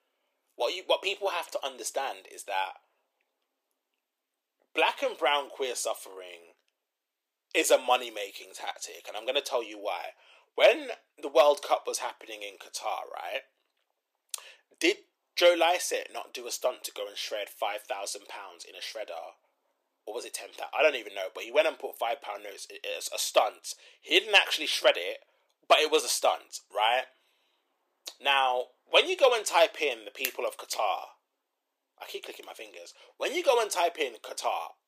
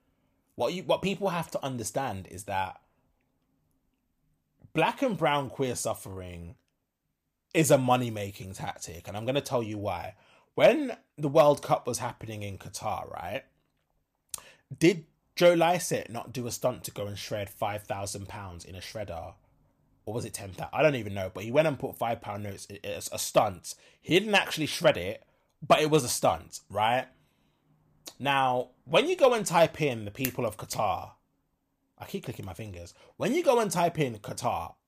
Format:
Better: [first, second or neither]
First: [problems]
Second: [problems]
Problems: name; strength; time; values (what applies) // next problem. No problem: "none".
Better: second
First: thin; very; fading below 350 Hz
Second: none